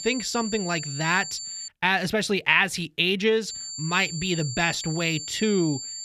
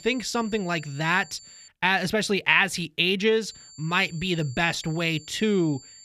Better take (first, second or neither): second